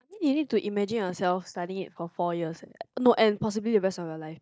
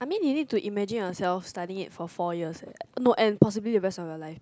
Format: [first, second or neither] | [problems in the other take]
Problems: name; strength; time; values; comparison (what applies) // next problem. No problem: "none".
second | noise reduction (neural mask model DeepFilterNet 3)